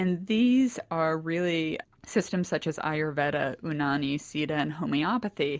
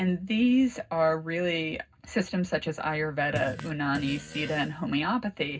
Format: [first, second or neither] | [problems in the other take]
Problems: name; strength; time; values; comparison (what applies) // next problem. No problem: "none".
first | background sound (Fart); 12 dB below the speech // room echo; dies away in 0.4 s